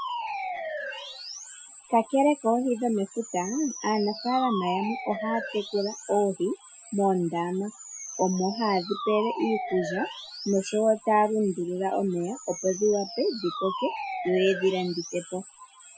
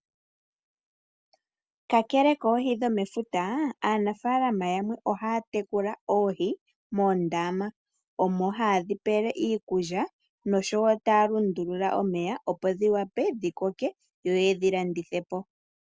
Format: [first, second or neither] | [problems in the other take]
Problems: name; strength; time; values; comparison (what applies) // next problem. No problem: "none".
second | noise reduction (classical method Wiener filter)